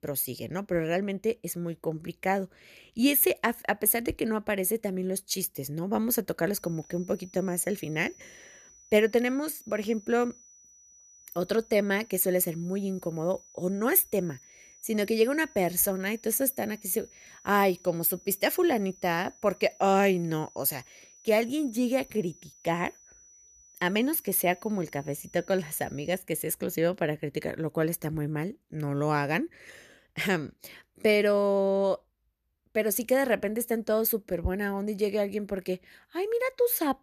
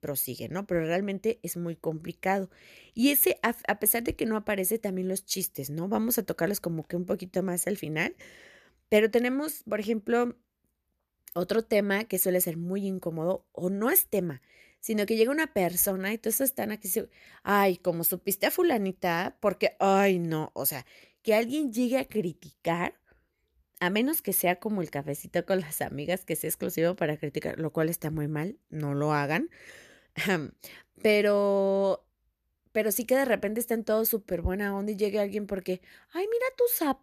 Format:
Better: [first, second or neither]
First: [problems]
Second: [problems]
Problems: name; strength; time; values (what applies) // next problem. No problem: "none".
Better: second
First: high-pitched whine; faint; from 6.5 to 26 s; 6 kHz, 25 dB below the speech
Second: none